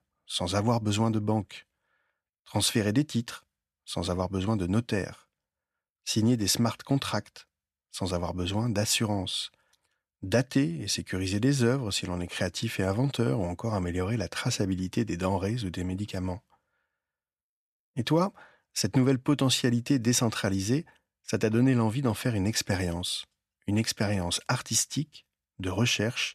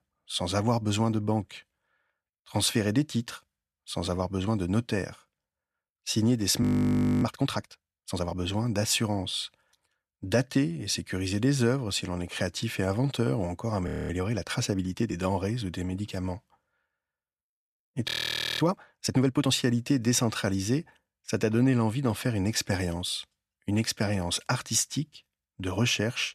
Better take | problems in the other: first | audio freezing; at 6.5 s for 0.5 s, at 14 s and at 18 s for 0.5 s

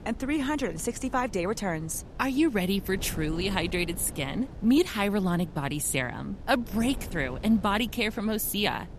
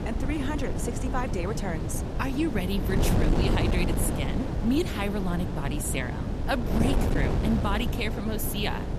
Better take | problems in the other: first | wind noise on the microphone; heavy; 3 dB below the speech; occasional gusts in the first

